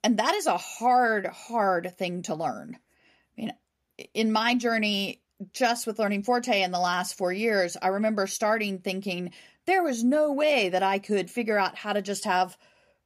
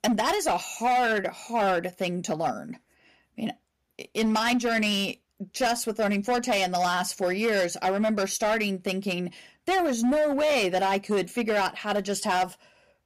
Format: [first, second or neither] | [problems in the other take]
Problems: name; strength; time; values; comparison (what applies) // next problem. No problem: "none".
first | distortion; slight; 11% of the sound clipped